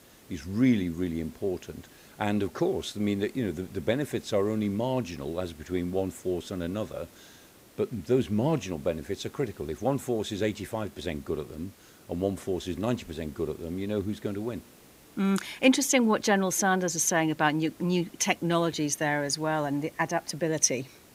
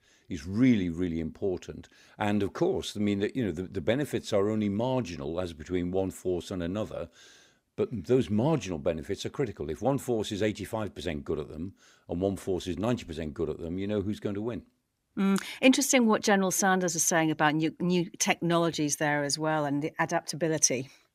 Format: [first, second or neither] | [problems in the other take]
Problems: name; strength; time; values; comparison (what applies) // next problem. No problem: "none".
second | hiss; faint; throughout; 25 dB below the speech